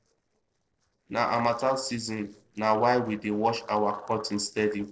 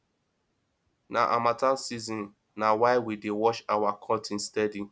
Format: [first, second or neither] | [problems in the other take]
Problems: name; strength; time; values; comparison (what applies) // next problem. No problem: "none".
second | noise reduction (neural separator model SepFormer DNS4)